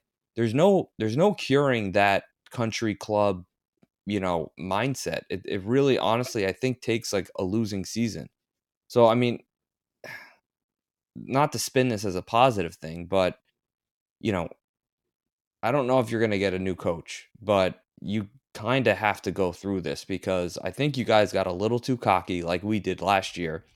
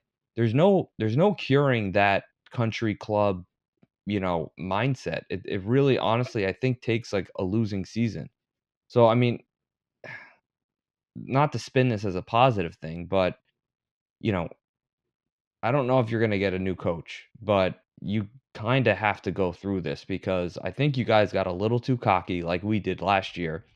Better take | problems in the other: first | muffled; very slightly; fading above 3 kHz

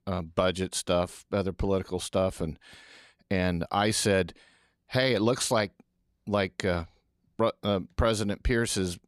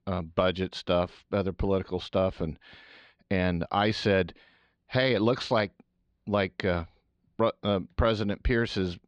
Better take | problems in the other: first | muffled; very slightly; fading above 4 kHz

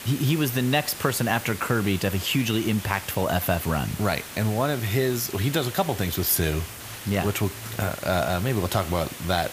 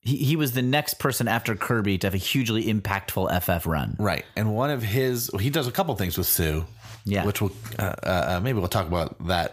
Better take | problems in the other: second | hiss; noticeable; throughout; 10 dB below the speech

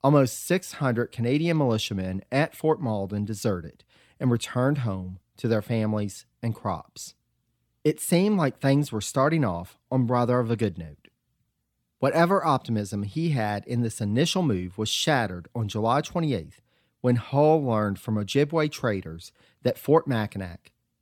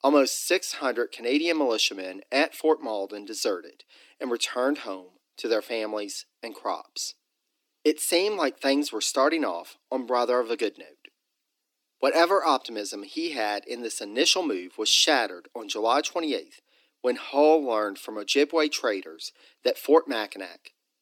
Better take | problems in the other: first | thin; somewhat; fading below 300 Hz

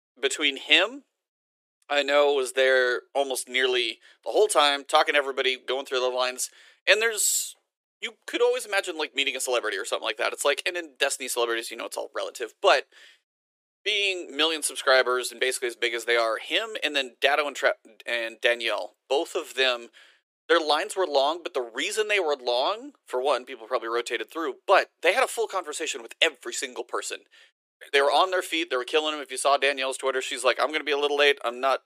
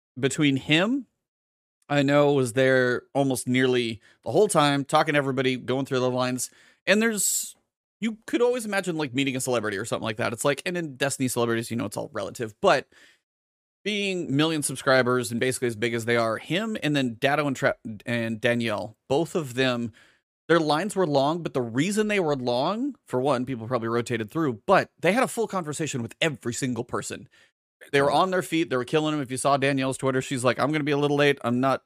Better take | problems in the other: second | thin; very; fading below 350 Hz

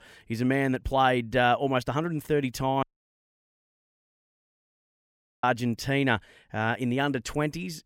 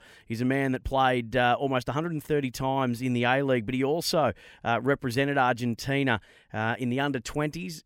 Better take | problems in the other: second | audio cutting out; at 3 s for 2.5 s

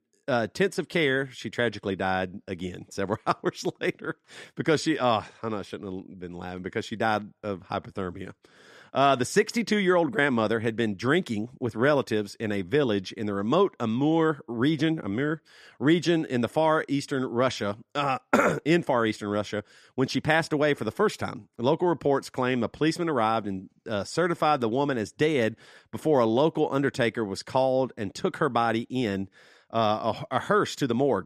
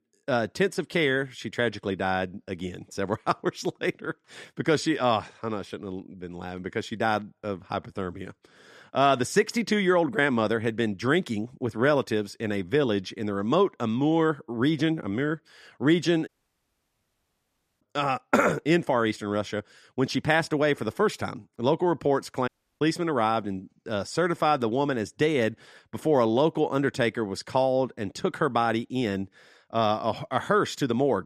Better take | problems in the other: first | audio cutting out; at 16 s for 1.5 s and at 22 s

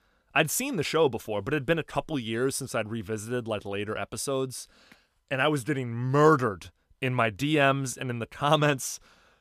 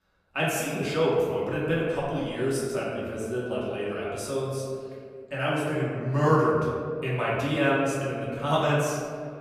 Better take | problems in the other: first | off-mic speech; far // room echo; noticeable; dies away in 2 s

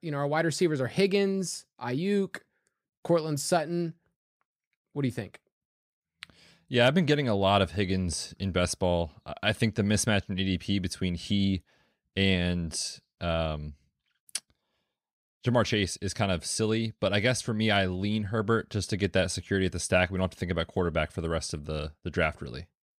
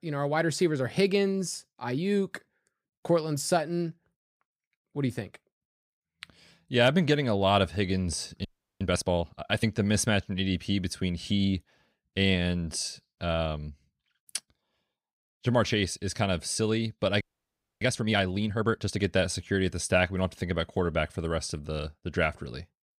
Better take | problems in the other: first | audio freezing; at 8.5 s and at 17 s for 0.5 s

